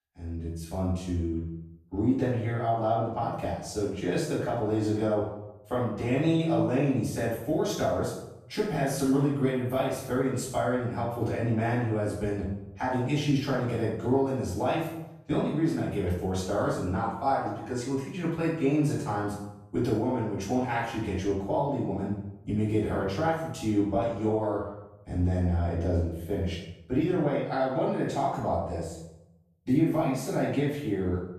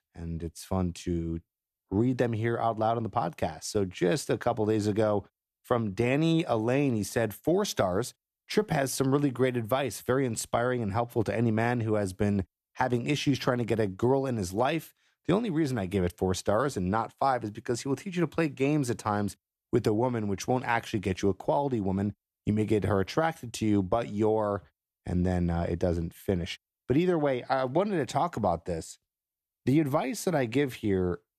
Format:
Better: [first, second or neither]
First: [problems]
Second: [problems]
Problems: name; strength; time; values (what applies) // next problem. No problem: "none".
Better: second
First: off-mic speech; far // room echo; noticeable; dies away in 0.7 s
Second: none